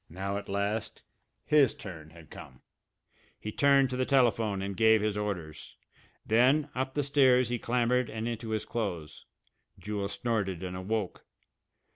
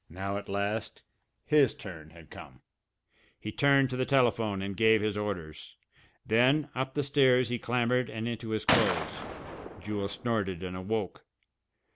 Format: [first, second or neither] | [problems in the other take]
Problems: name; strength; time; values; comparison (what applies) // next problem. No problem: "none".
first | background sound (Gunshot, gunfire); 4 dB below the speech